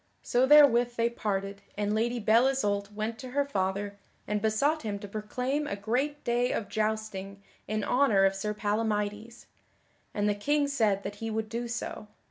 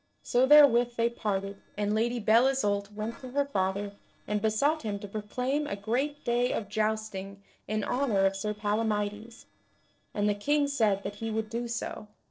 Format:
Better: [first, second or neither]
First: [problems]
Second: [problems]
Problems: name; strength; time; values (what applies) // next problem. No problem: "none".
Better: first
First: none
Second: noise reduction (neural separator model SepFormer DNS4)